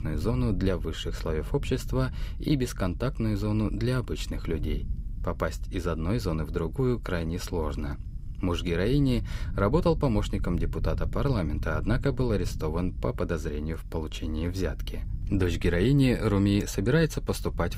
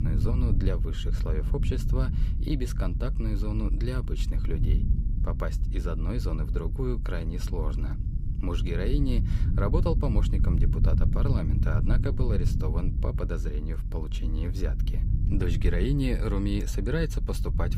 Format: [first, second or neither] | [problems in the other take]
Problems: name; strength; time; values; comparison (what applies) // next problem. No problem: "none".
first | low rumble; loud; throughout; 7 dB below the speech; faint in the first